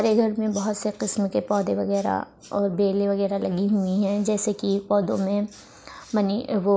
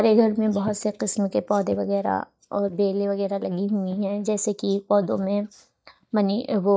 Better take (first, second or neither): first